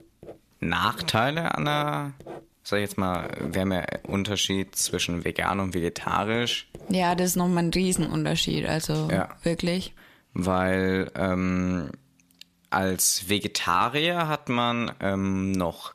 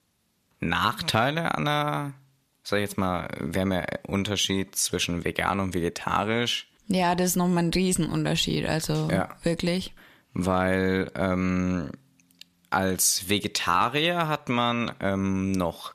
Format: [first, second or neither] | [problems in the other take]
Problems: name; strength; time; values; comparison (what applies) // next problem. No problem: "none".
second | household noises; faint; throughout; 20 dB below the speech